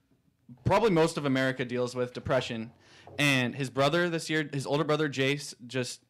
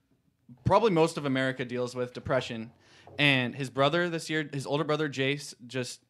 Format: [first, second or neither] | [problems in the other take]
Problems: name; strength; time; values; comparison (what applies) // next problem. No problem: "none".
second | distortion; slight; 3% of the sound clipped